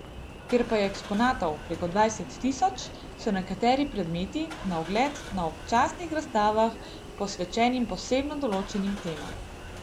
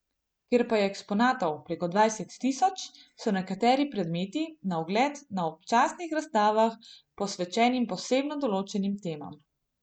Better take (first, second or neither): second